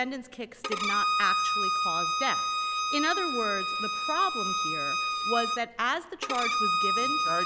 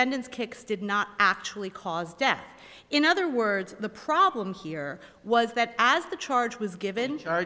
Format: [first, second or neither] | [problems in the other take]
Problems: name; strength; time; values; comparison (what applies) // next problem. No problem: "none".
second | background sound (Bowed string instrument); 4 dB above the speech